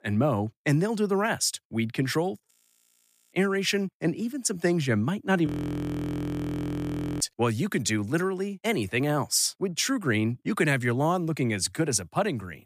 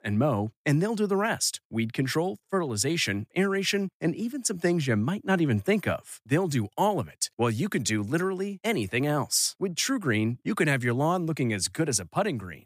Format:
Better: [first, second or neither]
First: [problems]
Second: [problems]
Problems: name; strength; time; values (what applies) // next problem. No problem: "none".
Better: second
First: audio freezing; at 2.5 s for 1 s and at 5.5 s for 1.5 s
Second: none